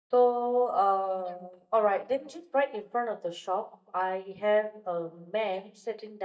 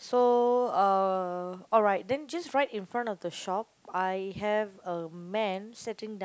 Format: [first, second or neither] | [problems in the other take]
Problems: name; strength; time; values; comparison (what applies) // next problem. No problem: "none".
second | noise reduction (neural mask model DeepFilterNet 3)